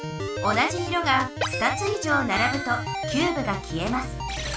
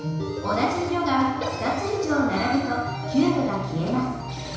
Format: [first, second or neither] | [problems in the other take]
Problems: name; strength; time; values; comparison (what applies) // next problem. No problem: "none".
first | room echo; dies away in 1 s